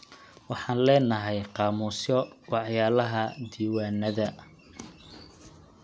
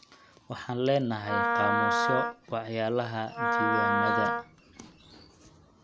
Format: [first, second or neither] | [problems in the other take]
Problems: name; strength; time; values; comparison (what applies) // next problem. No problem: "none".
first | background sound (Wind instrument, woodwind instrument); 4 dB above the speech